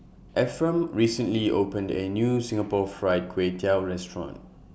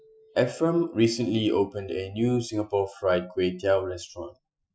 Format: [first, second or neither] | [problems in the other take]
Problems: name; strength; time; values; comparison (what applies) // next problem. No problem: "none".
first | noise reduction (classical method Wiener filter)